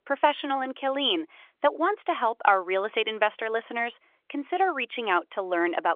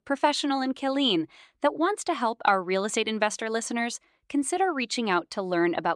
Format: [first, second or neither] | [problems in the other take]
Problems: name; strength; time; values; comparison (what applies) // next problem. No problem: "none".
second | phone-call audio; nothing above 3.5 kHz